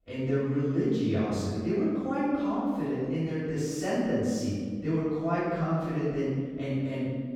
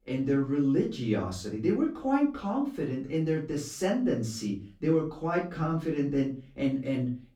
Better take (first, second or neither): second